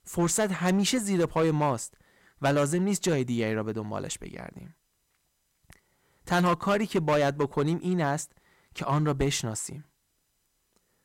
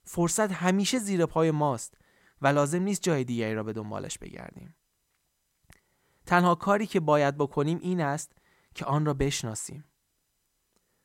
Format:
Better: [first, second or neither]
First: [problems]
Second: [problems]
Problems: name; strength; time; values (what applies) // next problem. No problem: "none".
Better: second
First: distortion; slight; 5% of the sound clipped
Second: none